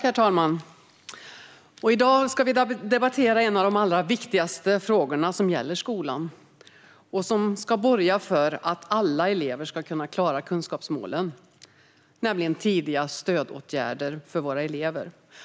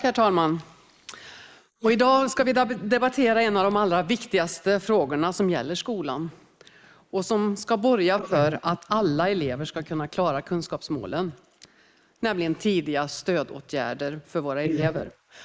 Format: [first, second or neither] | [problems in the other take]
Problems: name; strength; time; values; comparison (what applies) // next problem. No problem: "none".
first | noise reduction (neural mask model Resemble Enhance denoiser)